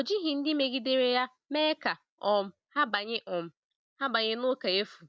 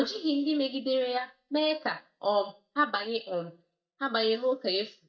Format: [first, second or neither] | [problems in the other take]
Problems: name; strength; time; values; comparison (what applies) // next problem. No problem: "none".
first | noise reduction (neural mask model DeepFilterNet 3)